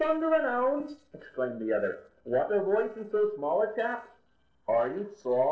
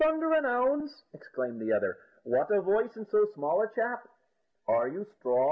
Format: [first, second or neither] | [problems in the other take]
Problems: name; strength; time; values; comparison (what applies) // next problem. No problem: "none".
second | noise reduction (neural separator model SepFormer DNS4)